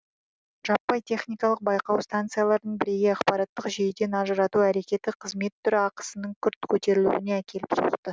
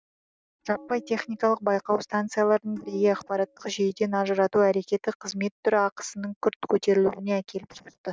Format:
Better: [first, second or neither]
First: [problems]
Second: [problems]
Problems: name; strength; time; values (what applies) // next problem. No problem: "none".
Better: first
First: none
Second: noise reduction (neural mask model DeepFilterNet 3)